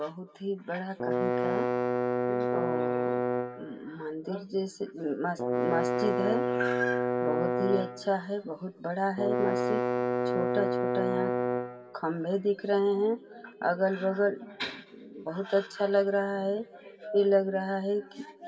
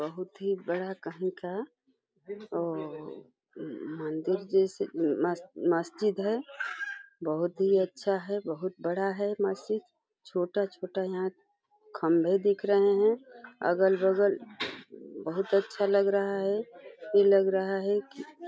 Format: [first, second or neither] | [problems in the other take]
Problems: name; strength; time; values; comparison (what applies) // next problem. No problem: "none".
second | background sound (Bowed string instrument); 2 dB above the speech // room echo; dies away in 2 s